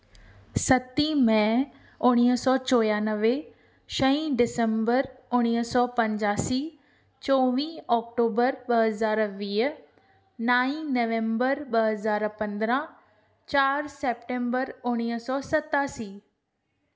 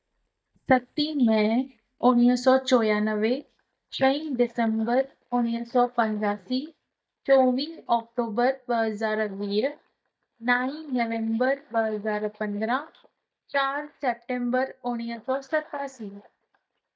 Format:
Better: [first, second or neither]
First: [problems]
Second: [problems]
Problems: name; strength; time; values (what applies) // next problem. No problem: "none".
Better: first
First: none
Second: noise reduction (neural mask model DeepFilterNet 3)